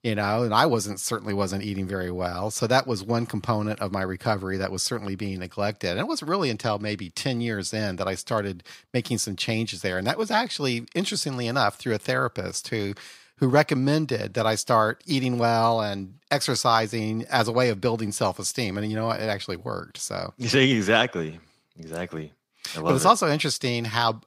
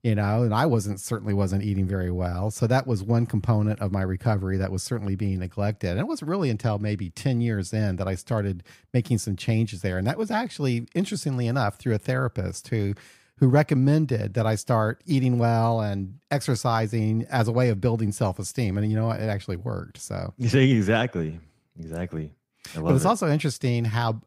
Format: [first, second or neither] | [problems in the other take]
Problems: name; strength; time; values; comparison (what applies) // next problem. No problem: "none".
second | thin; somewhat; fading below 400 Hz